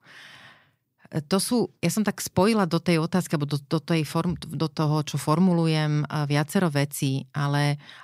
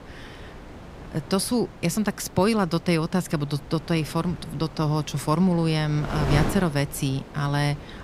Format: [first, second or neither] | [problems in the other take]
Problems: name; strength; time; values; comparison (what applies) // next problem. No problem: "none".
first | wind noise on the microphone; occasional gusts; 10 dB below the speech